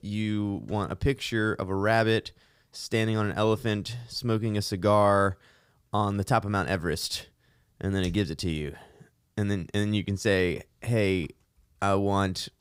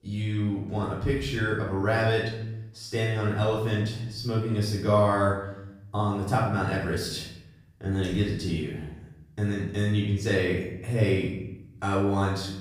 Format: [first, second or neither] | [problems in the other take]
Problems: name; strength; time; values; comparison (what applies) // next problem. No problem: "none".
first | off-mic speech; far // room echo; noticeable; dies away in 0.8 s